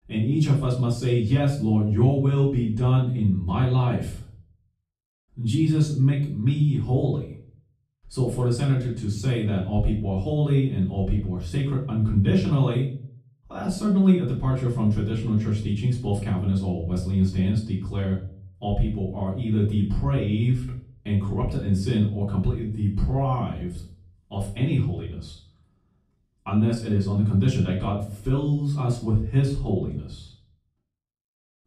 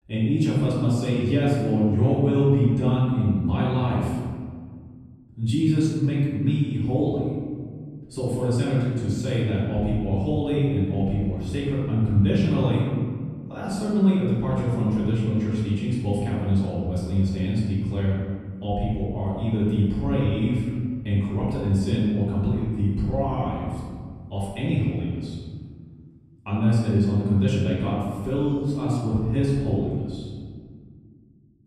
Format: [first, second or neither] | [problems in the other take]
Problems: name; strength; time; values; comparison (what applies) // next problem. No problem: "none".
first | room echo; strong; dies away in 1.8 s; slight in the first // off-mic speech; far; far in the first